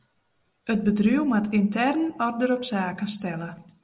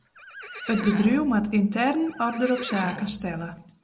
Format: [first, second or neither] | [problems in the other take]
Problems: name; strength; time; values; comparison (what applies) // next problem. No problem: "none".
first | background sound (Livestock, farm animals, working animals); 13 dB below the speech